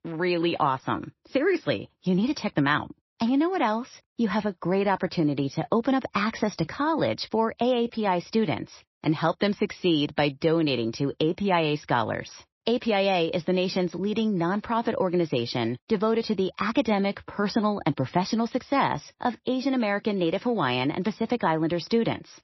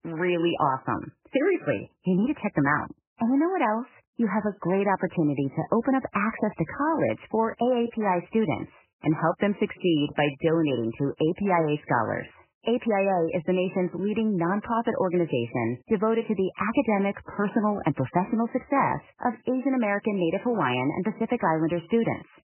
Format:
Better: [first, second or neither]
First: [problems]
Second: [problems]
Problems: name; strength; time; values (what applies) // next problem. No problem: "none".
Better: first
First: garbled, watery; slightly; nothing above 5.5 kHz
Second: garbled, watery; badly; nothing above 3 kHz